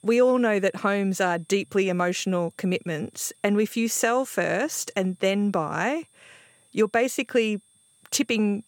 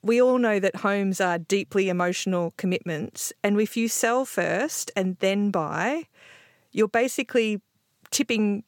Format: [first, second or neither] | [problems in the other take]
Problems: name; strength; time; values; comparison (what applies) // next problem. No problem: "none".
second | high-pitched whine; faint; throughout; 8.5 kHz, 35 dB below the speech